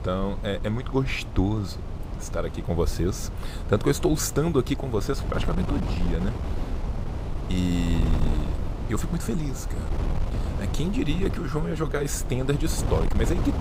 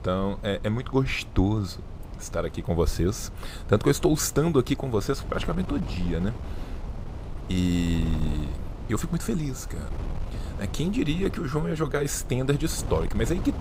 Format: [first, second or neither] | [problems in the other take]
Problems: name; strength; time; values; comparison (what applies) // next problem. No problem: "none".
second | wind noise on the microphone; heavy; 8 dB below the speech; occasional gusts in the second